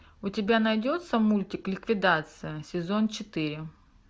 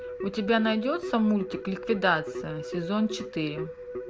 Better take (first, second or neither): first